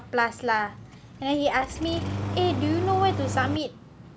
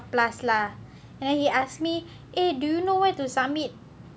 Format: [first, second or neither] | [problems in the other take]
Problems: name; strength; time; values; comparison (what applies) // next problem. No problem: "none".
second | background sound (Engine starting); 4 dB below the speech